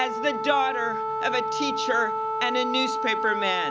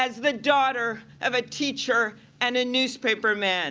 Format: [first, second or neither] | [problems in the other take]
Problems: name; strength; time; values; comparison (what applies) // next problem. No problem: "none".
second | background sound (Wind instrument, woodwind instrument); 1 dB below the speech